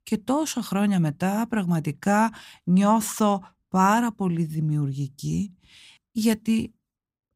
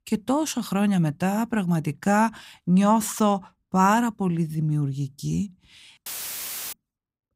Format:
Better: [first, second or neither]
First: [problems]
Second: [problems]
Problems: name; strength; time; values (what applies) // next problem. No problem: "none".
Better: first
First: none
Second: audio cutting out; filled with static; at 6 s for 0.5 s